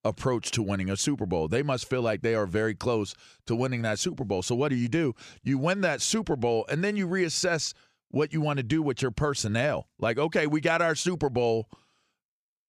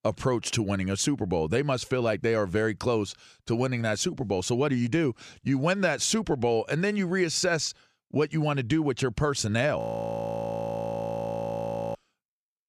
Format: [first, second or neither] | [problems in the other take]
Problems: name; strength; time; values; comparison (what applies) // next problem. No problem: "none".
first | audio freezing; at 10 s for 2 s